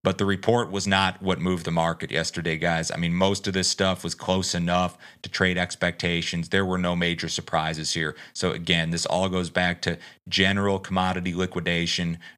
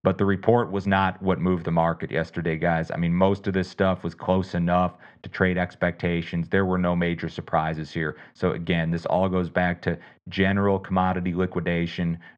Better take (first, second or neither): first